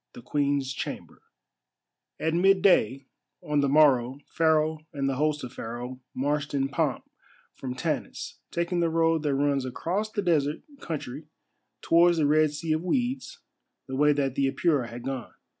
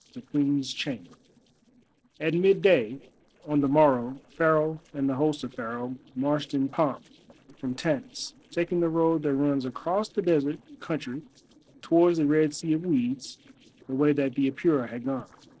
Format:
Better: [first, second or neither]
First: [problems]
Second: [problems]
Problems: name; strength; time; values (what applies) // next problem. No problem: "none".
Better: first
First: none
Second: noise reduction (neural separator model SepFormer DNS4)